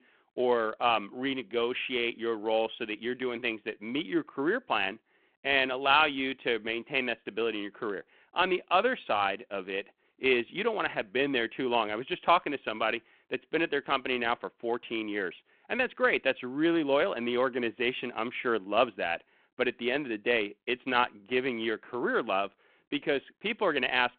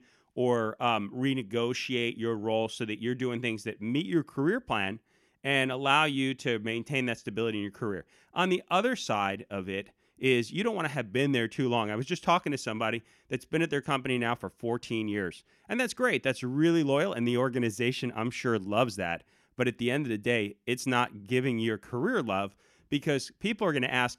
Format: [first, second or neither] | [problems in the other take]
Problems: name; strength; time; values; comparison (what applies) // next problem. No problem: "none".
second | phone-call audio